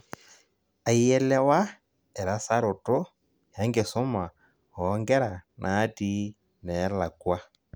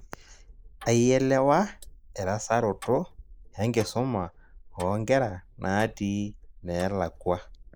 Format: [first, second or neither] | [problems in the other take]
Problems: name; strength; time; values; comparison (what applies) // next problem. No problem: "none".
first | noise reduction (neural mask model Resemble Enhance denoiser)